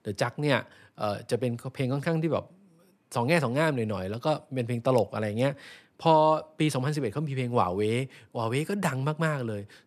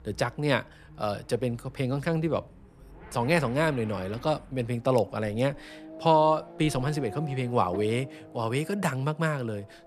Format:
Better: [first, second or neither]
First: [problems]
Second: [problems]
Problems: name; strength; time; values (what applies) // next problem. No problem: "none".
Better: first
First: none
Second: traffic noise; noticeable; throughout; 20 dB below the speech